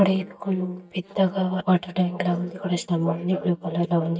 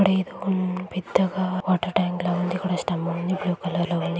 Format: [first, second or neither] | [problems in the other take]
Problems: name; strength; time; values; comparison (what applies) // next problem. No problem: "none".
second | noise reduction (neural mask model DeepFilterNet 3)